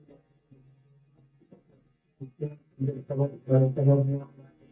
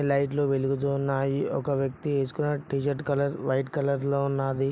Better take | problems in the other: second | noise reduction (neural mask model DeepFilterNet 3)

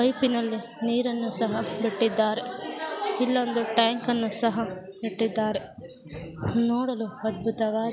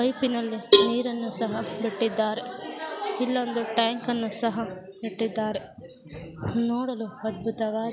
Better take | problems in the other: first | background sound (Cowbell); 2 dB above the speech

